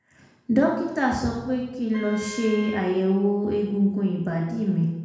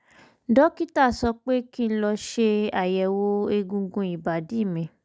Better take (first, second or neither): second